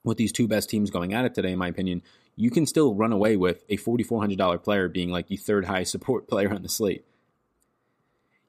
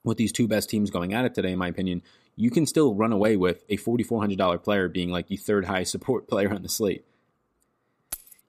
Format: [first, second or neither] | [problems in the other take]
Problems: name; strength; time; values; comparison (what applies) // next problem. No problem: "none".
first | jangling keys; faint; at 8 s; peak 10 dB below the speech